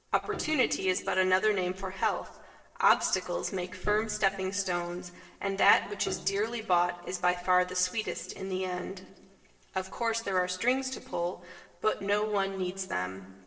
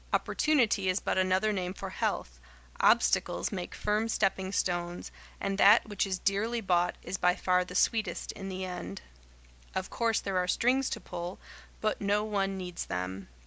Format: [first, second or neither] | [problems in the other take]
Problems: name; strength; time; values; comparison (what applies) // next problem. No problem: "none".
second | noise reduction (neural separator model SepFormer DNS4)